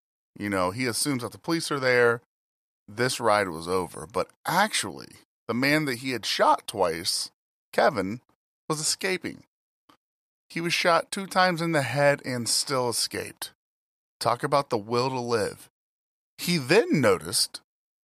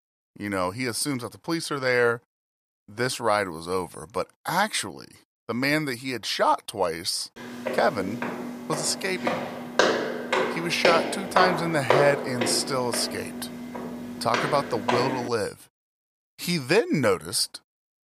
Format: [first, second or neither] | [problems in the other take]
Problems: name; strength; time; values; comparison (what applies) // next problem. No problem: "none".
first | footsteps; loud; from 7.5 to 15 s; peak 4 dB above the speech